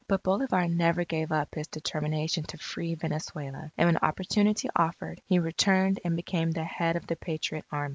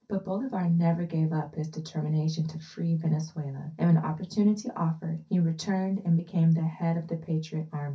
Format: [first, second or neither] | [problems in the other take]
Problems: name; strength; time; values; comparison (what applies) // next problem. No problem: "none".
first | room echo; dies away in 0.3 s